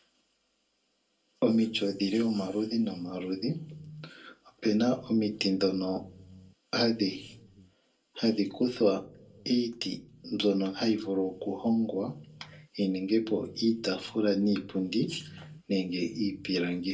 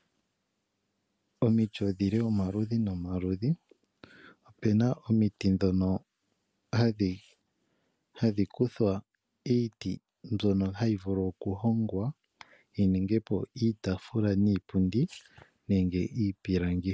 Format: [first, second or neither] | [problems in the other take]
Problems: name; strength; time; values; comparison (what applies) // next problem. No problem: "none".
second | room echo; dies away in 0.2 s